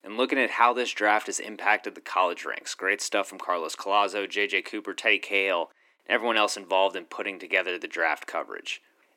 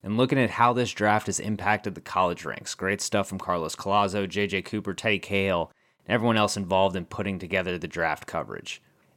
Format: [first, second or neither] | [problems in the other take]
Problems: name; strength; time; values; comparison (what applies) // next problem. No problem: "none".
second | thin; somewhat; fading below 300 Hz